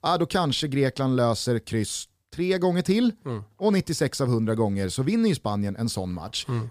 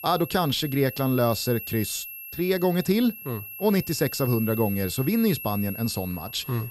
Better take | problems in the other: first | high-pitched whine; loud; throughout; 11.5 kHz, 10 dB below the speech

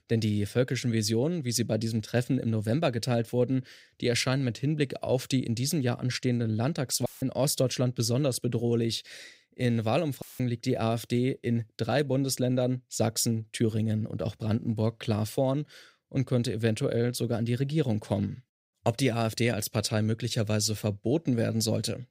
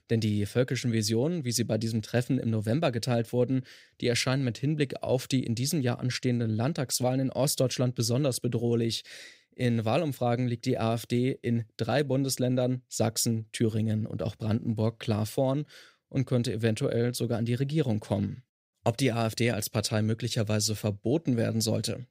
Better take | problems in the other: second | audio cutting out; filled with static; at 7 s and at 10 s

